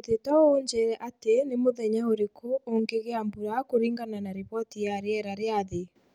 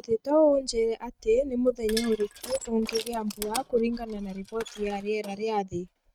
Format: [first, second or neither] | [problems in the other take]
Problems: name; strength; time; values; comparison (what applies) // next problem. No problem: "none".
first | noise reduction (neural mask model RNNoise)